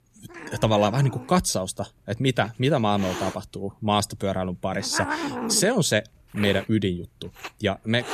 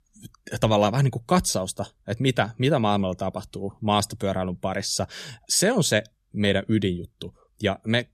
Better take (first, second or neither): second